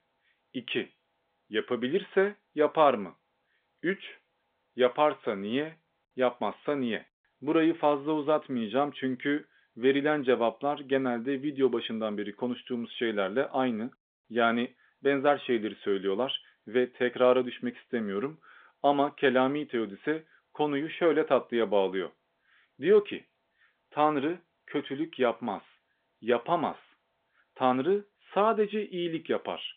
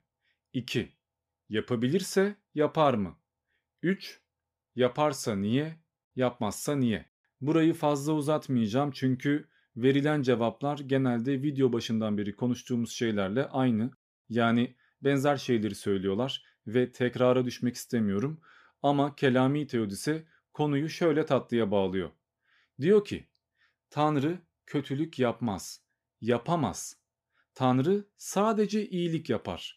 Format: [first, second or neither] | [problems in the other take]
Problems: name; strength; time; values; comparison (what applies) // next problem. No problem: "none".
second | phone-call audio; nothing above 3.5 kHz